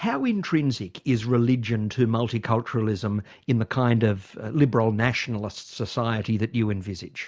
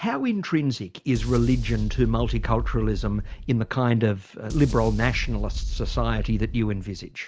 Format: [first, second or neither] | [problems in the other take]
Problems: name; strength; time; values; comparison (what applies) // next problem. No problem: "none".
first | background sound (Boom); 4 dB below the speech